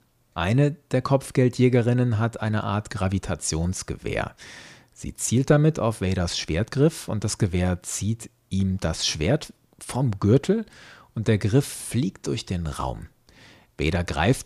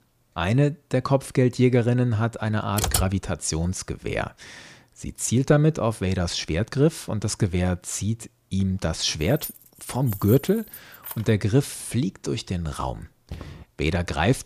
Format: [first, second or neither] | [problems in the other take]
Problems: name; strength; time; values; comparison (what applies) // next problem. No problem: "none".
first | keyboard typing; loud; at 3 s; peak level with the speech // jangling keys; faint; from 9.5 to 11 s; peak 10 dB below the speech // footsteps; faint; at 13 s; peak 15 dB below the speech